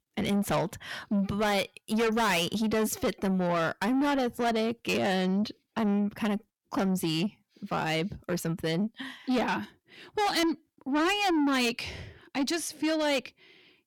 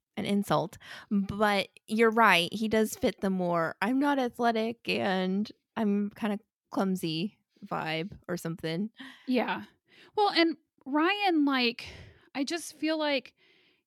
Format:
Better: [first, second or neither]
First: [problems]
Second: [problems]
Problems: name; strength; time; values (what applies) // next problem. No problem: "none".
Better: second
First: distortion; heavy; 7 dB below the speech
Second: none